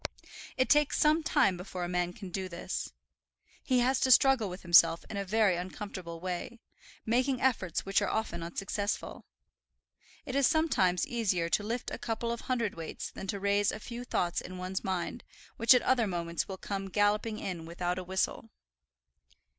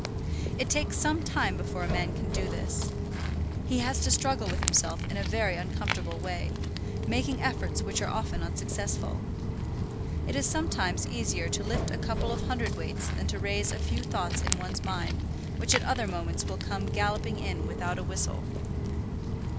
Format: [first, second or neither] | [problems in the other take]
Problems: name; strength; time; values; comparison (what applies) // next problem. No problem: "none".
first | background sound (Walk, footsteps); 3 dB above the speech